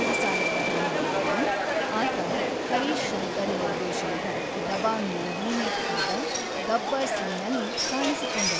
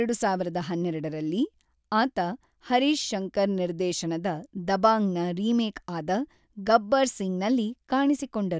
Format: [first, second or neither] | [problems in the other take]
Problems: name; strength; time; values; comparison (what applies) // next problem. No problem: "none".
second | background sound (Subway, metro, underground); 4 dB above the speech